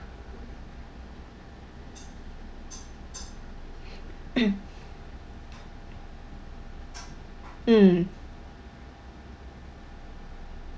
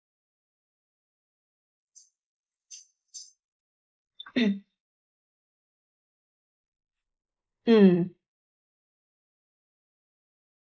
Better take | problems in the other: first | noise reduction (neural mask model Resemble Enhance denoiser)

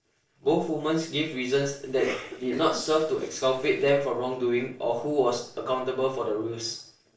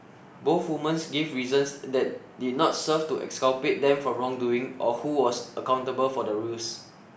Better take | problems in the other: second | noise reduction (neural separator model SepFormer DNS4)

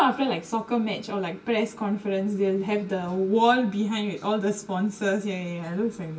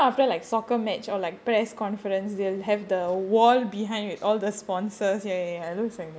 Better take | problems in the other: second | room echo; dies away in 0.1 s

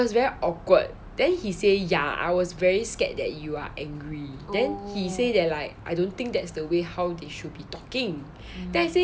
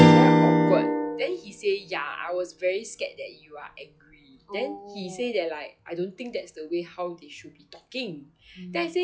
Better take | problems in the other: first | noise reduction (classical method log-MMSE)

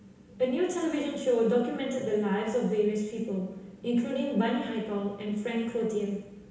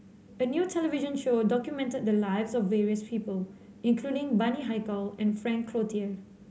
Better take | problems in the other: second | room echo; dies away in 0.9 s

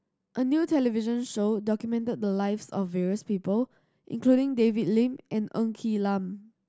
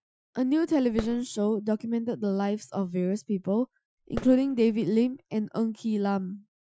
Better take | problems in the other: first | noise reduction (classical method Wiener filter)

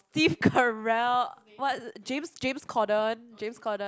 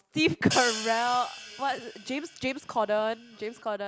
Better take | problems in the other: first | background sound (Hi-hat); 10 dB below the speech

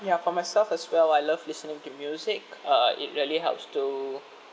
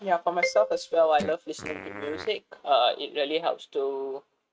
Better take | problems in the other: first | noise reduction (neural mask model RNNoise)

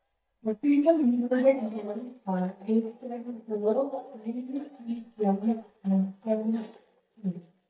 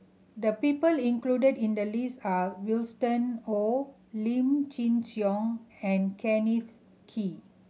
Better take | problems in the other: second | noise reduction (neural mask model DeepFilterNet 3)

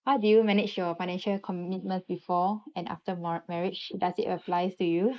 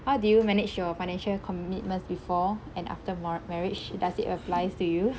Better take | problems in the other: second | noise reduction (neural mask model Resemble Enhance denoiser)

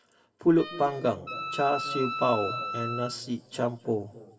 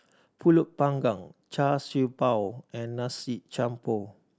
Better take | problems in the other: second | background sound (Wind instrument, woodwind instrument); 7 dB below the speech // room echo; dies away in 2.5 s

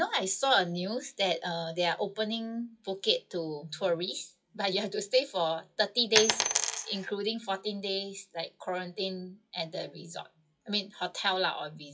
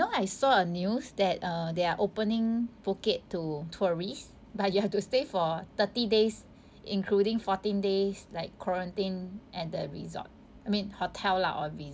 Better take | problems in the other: second | noise reduction (classical method WPE with log-MMSE)

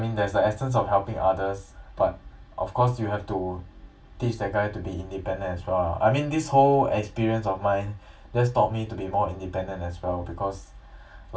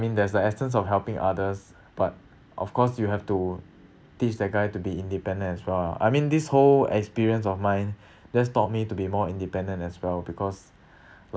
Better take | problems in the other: second | room echo; dies away in 0.2 s

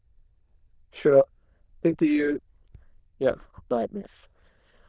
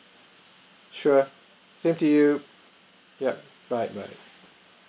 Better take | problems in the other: second | noise reduction (neural diffusion model UNIVERSE++)

